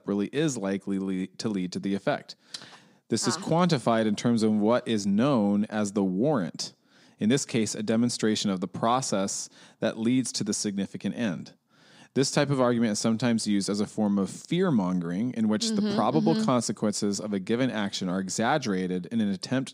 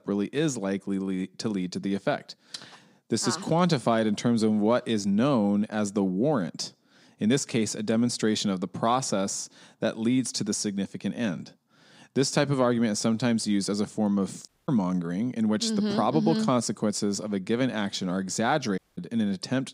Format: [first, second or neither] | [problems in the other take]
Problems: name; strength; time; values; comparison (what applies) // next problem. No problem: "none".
first | audio cutting out; at 14 s and at 19 s